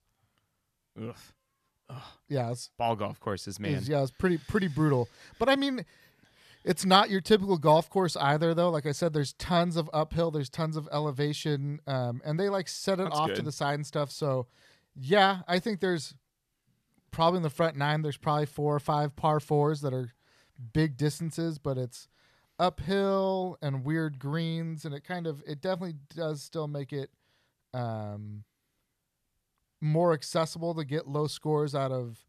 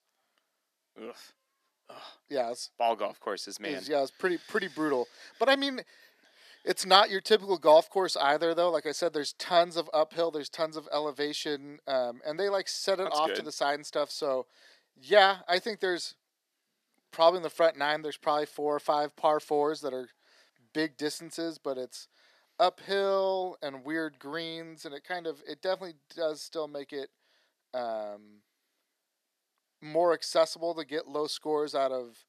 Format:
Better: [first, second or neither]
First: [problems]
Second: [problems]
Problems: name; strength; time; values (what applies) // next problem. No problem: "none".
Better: first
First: none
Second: thin; somewhat; fading below 300 Hz